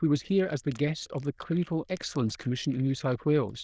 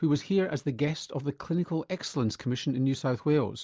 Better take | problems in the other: second | noise reduction (neural diffusion model UNIVERSE++)

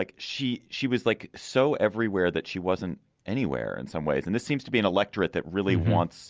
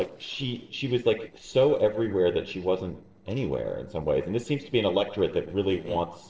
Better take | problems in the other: first | noise reduction (neural separator model SepFormer DNS4)

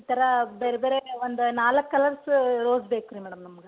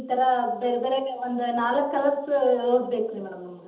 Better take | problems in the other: first | room echo; dies away in 1.2 s

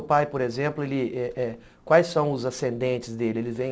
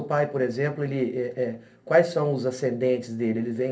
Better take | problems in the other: first | room echo; dies away in 0.3 s

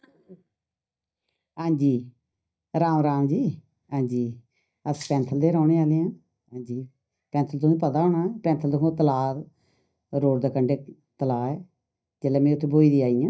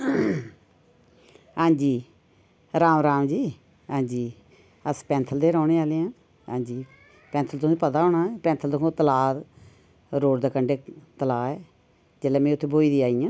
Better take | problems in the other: second | noise reduction (neural mask model DeepFilterNet 3)

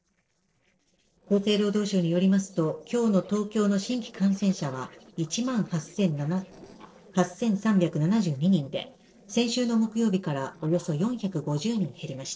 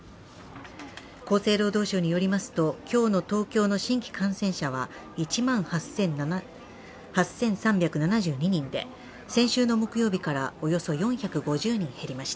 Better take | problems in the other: second | noise reduction (neural separator model SepFormer DNS4)

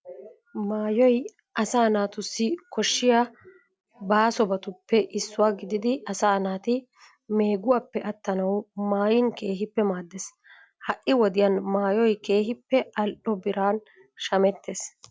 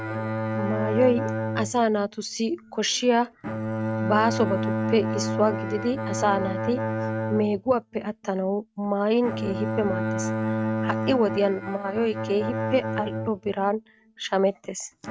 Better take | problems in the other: first | noise reduction (neural mask model RNNoise)

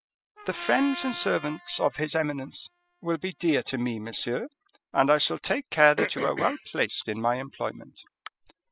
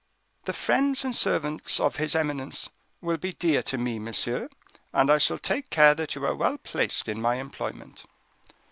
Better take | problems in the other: second | noise reduction (classical method spectral subtraction)

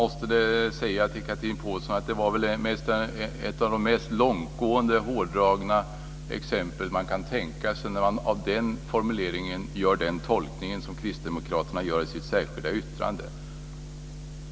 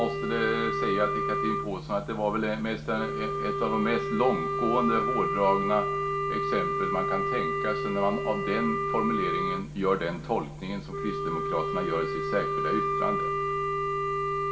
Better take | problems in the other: first | background sound (Wind instrument, woodwind instrument); as loud as the speech // room echo; dies away in 0.8 s

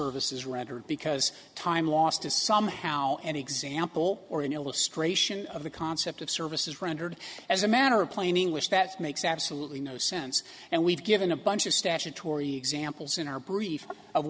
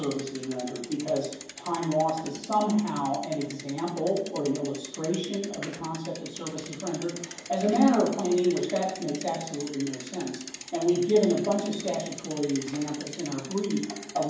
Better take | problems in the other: first | background sound (Bicycle); 14 dB below the speech // room echo; dies away in 1.2 s

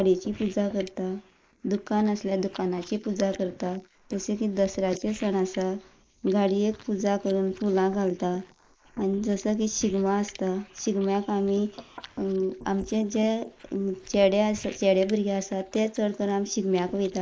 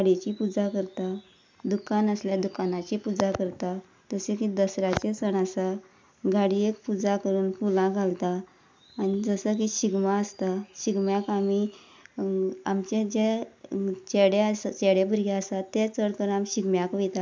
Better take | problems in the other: second | noise reduction (neural mask model Resemble Enhance denoiser)

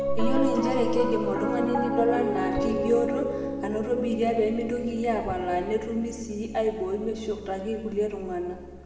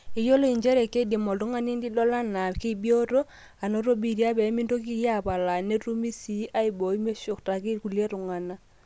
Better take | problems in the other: second | background sound (Piano); 4 dB below the speech // room echo; dies away in 1.7 s

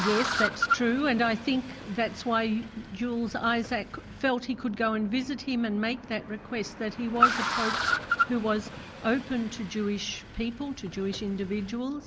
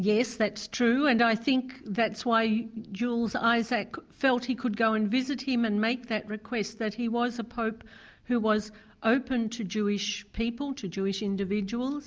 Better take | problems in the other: second | background sound (Car); 4 dB below the speech

